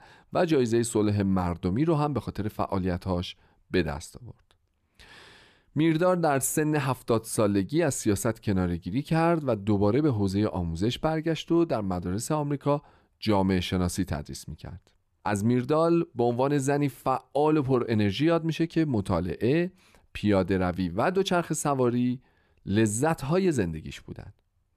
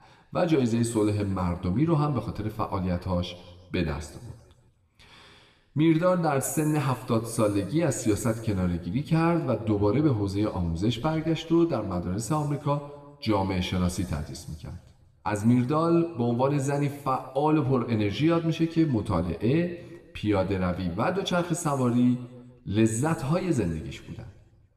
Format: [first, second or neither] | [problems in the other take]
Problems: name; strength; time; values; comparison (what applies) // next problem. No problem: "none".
first | room echo; slight; dies away in 1.2 s